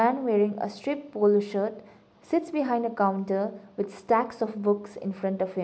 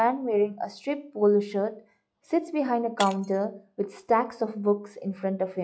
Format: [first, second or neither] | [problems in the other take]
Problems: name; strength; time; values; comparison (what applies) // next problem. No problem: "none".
first | noise reduction (classical method log-MMSE)